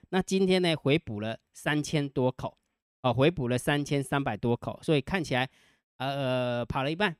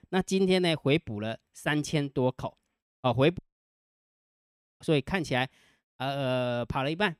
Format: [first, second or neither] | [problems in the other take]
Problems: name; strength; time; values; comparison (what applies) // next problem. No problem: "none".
first | audio cutting out; at 3.5 s for 1.5 s